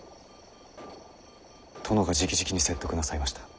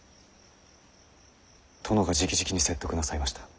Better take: second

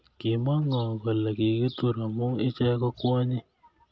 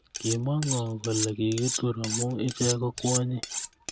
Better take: first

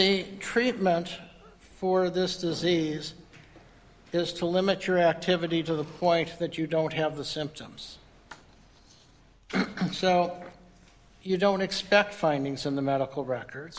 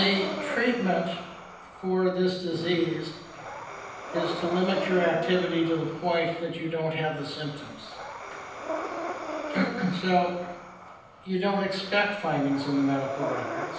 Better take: first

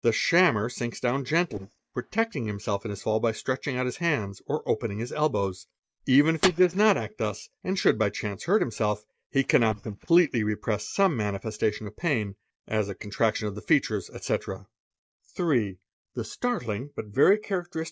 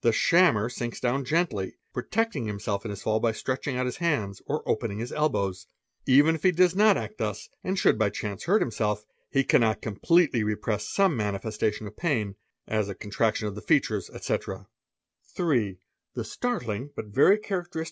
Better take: second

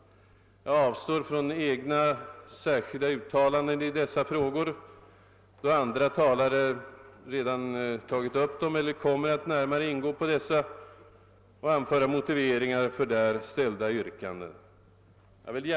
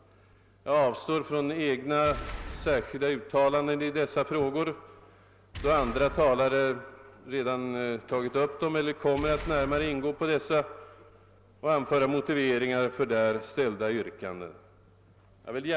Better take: first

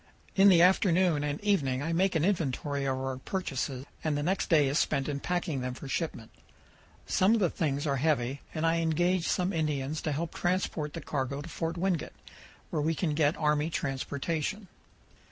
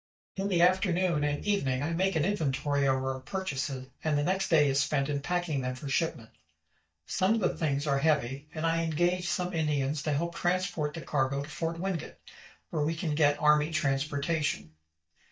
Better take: first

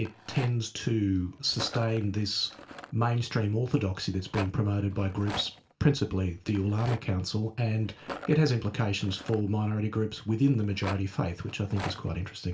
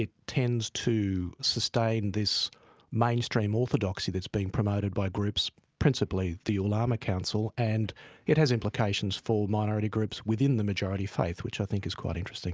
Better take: second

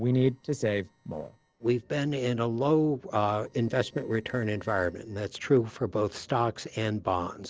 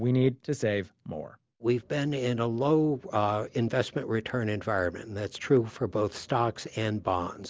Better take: second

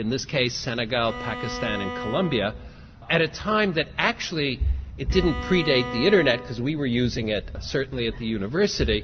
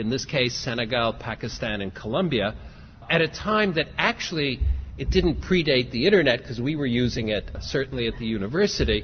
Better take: second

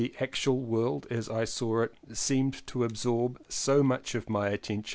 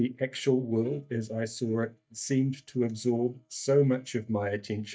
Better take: first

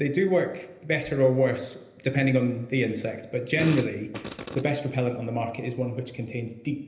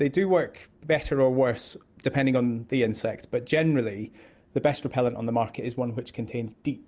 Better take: second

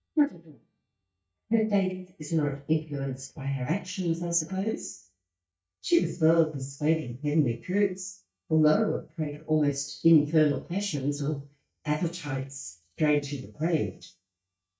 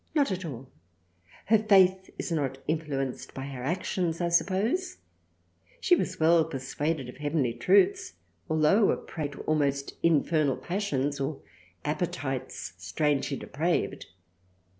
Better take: second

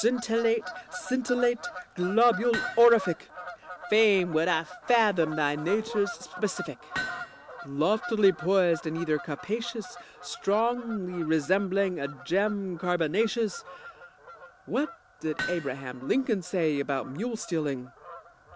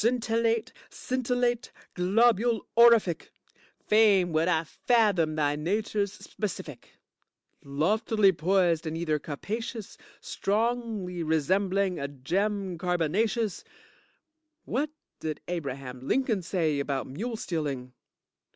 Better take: second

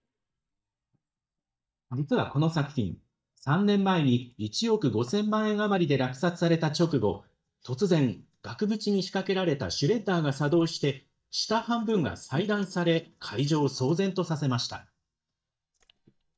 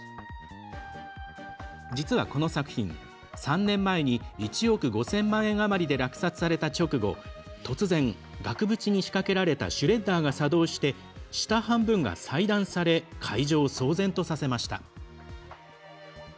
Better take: second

